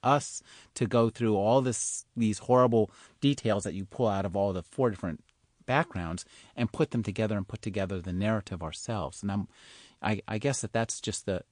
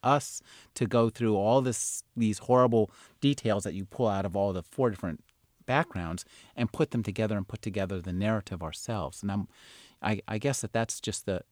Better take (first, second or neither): second